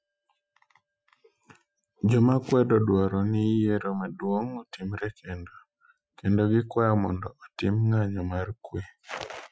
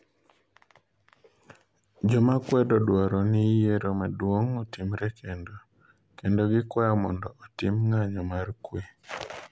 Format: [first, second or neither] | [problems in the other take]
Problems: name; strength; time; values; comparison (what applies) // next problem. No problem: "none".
second | noise reduction (classical method Wiener filter)